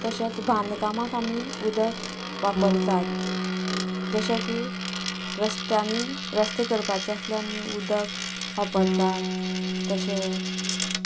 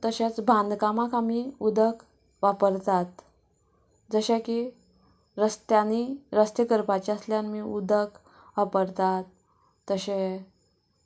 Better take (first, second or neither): second